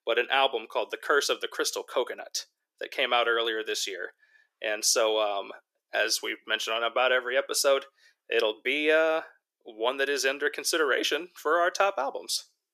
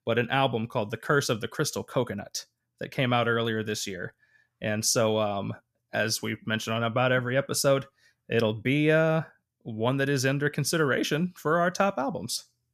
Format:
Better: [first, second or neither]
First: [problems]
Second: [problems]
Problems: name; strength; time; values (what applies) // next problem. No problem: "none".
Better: second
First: thin; very; fading below 350 Hz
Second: none